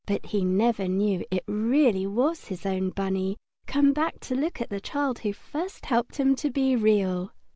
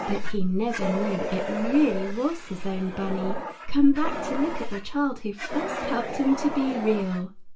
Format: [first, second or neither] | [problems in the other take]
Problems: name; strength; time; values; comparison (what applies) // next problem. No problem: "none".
first | background sound (Fire); 9 dB below the speech // room echo; dies away in 0.2 s